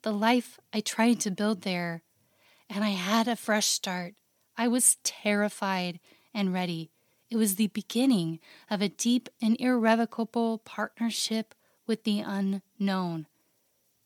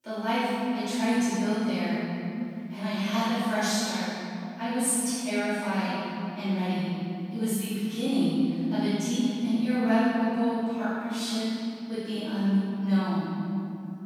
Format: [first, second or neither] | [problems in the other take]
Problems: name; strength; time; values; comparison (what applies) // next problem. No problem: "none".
first | off-mic speech; far // room echo; strong; dies away in 3 s